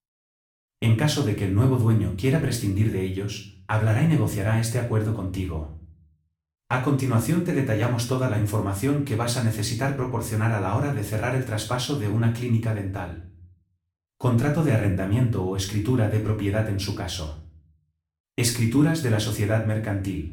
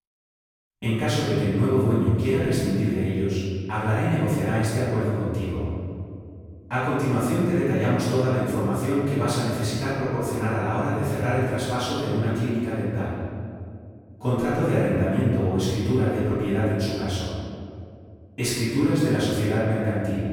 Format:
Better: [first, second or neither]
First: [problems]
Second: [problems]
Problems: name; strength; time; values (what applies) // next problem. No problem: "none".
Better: first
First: room echo; slight; dies away in 0.4 s // off-mic speech; far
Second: room echo; strong; dies away in 2.2 s // off-mic speech; far